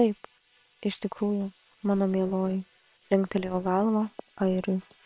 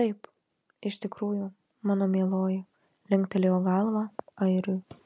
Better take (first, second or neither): second